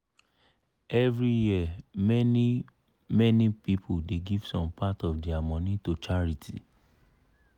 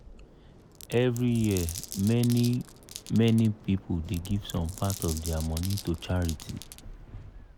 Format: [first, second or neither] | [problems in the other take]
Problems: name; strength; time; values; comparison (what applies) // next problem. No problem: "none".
first | background sound (Waves, surf + Glass); 14 dB below the speech